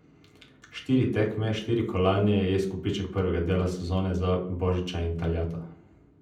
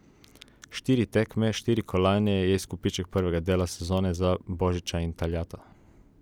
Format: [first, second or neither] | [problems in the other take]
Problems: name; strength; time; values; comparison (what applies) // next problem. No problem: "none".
second | room echo; dies away in 0.6 s